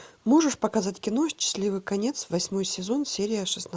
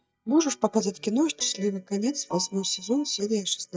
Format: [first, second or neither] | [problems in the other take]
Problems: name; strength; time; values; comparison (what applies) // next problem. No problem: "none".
first | noise reduction (neural mask model DeepFilterNet 3)